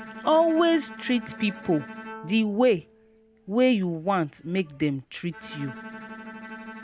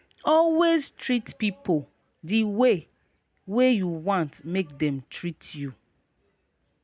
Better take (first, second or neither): second